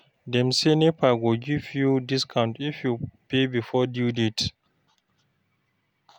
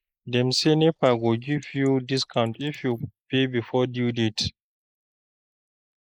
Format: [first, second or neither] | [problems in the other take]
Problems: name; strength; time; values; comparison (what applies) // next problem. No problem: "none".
first | noise reduction (neural mask model Resemble Enhance denoiser)